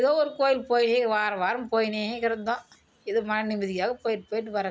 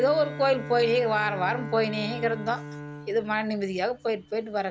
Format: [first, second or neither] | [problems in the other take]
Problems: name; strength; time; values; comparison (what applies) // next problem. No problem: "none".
first | background sound (Bowed string instrument); 12 dB below the speech